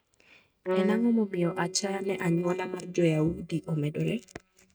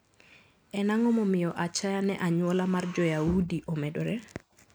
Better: second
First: noise reduction (neural mask model DeepFilterNet 3)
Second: none

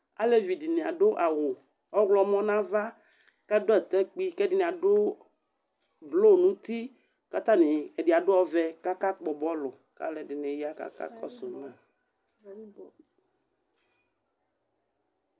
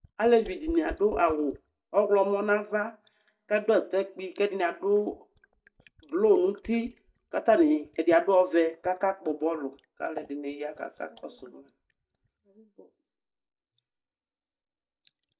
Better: first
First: none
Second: noise reduction (neural mask model DeepFilterNet 3)

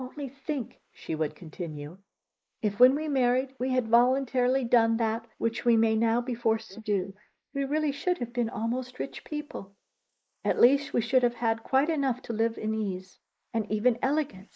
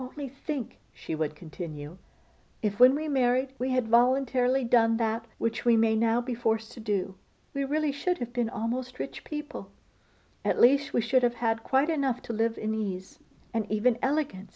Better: second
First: noise reduction (neural mask model Resemble Enhance denoiser)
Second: none

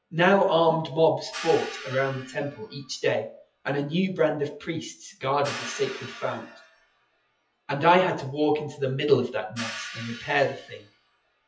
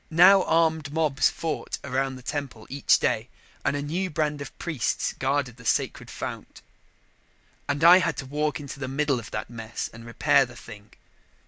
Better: second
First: noise reduction (classical method WPE with log-MMSE)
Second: none

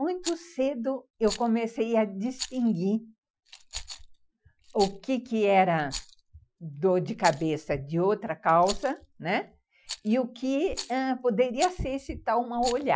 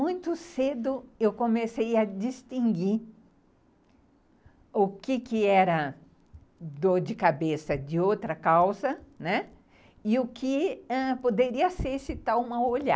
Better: second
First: noise reduction (classical method Wiener filter)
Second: none

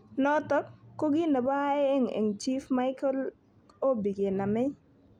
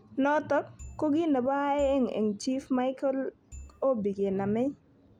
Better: first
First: none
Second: background sound (Marimba, xylophone / Wood); 18 dB below the speech

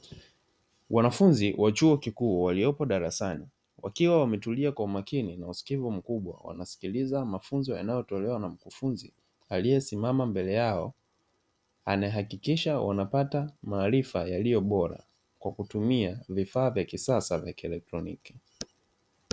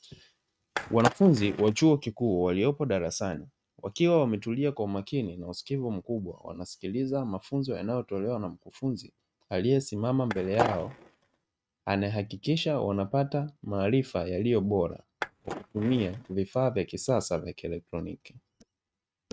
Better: first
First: none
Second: noise reduction (neural mask model RNNoise)

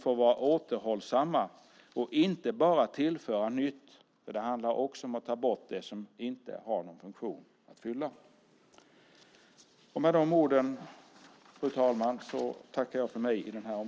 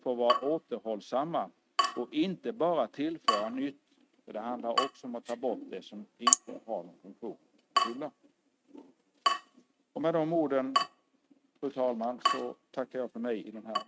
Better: first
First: none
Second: noise reduction (neural mask model RNNoise)

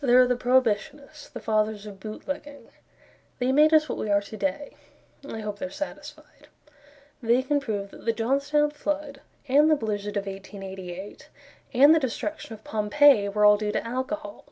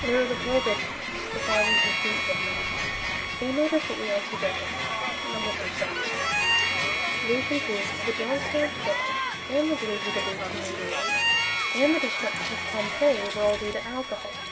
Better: first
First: none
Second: background sound (Crowd + Harmonica); 2 dB above the speech

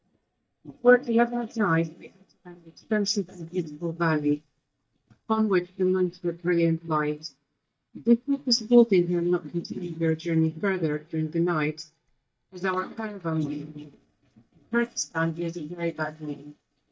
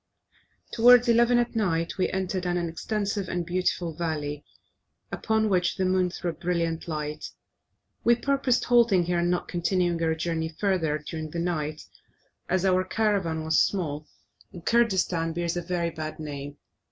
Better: second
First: noise reduction (neural mask model DeepFilterNet 3)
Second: none

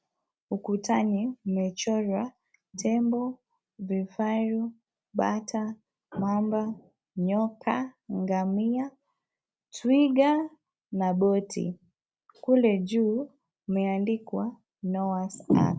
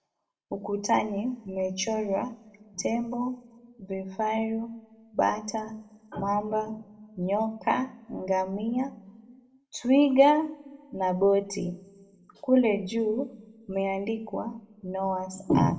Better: first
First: none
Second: room echo; dies away in 0.5 s

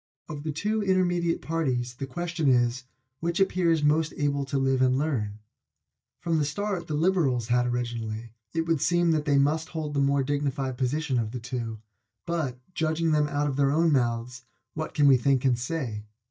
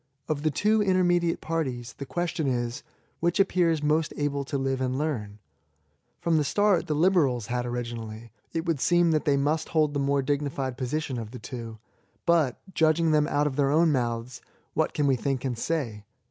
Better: second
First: noise reduction (neural mask model DeepFilterNet 3)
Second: none

